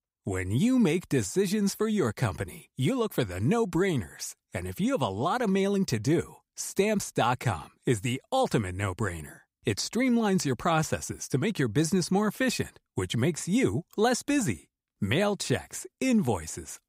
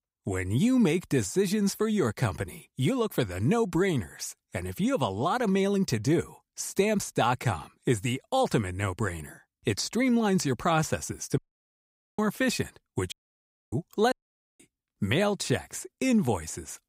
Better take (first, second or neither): first